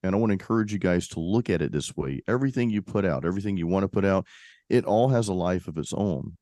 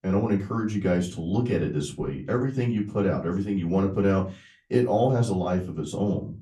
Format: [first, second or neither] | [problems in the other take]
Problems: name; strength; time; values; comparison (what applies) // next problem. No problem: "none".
first | off-mic speech; far // room echo; very slight; dies away in 0.3 s